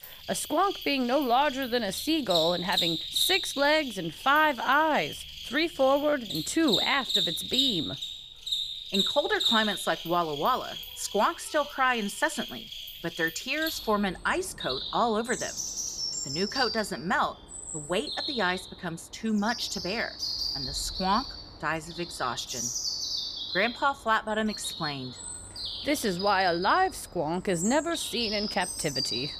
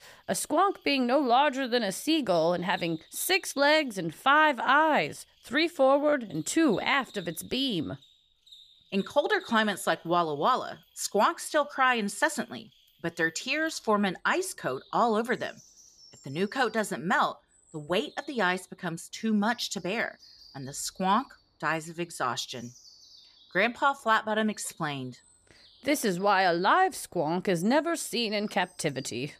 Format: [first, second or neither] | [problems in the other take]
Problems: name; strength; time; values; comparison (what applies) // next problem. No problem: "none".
second | animal sounds; loud; throughout; 4 dB below the speech; faint in the second